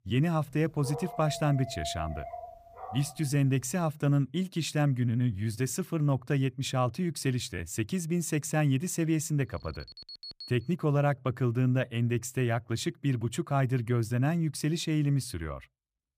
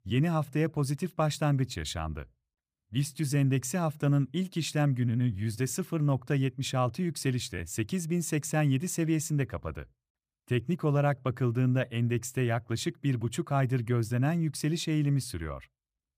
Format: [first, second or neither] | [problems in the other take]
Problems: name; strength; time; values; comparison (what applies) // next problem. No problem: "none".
second | dog barking; noticeable; from 1 to 3.5 s; peak 9 dB below the speech // alarm; faint; from 9.5 to 11 s; peak 10 dB below the speech